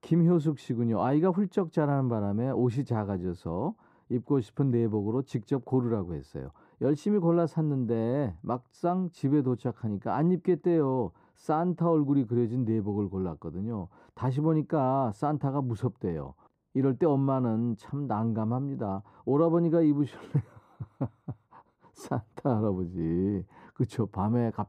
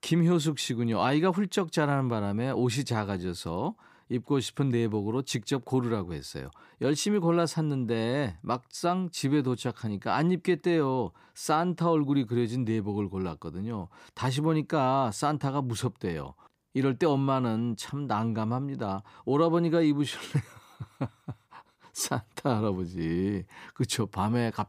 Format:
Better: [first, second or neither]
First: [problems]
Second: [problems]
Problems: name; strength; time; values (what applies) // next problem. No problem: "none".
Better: second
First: muffled; very; fading above 1.5 kHz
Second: none